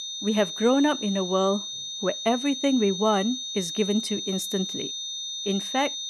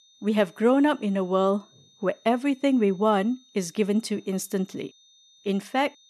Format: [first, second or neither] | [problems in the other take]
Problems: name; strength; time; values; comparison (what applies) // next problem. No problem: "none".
second | high-pitched whine; loud; throughout; 3.5 kHz, 5 dB below the speech; faint in the second